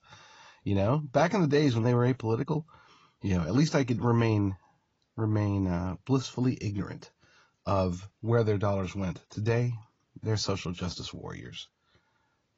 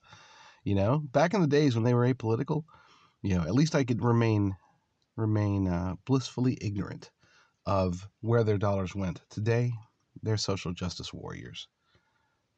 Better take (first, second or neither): second